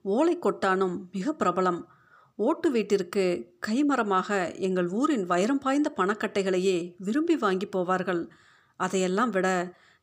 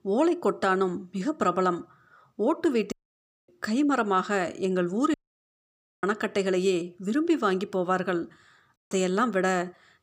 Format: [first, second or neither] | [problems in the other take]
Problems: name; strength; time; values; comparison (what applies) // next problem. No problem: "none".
first | audio cutting out; at 3 s for 0.5 s, at 5 s for 1 s and at 9 s